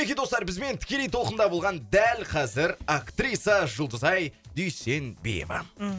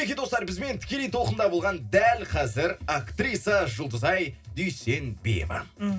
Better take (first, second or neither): first